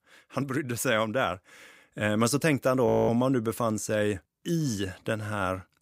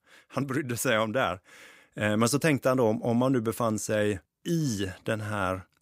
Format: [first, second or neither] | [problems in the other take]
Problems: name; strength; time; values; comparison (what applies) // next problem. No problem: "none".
second | audio freezing; at 3 s